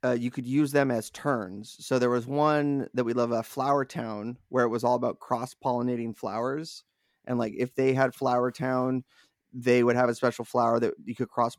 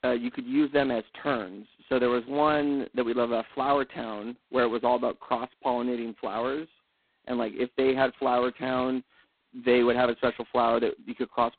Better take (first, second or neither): first